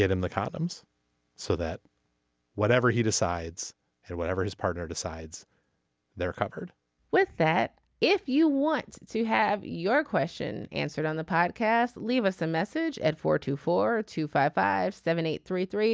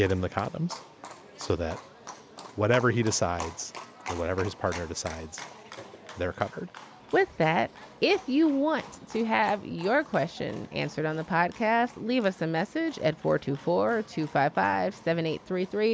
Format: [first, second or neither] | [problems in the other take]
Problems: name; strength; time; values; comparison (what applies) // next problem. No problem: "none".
first | background sound (Livestock, farm animals, working animals); 17 dB below the speech